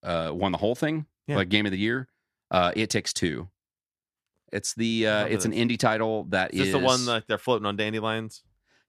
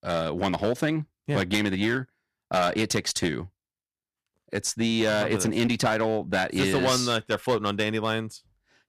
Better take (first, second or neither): first